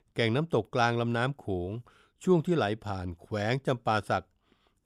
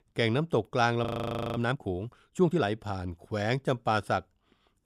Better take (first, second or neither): first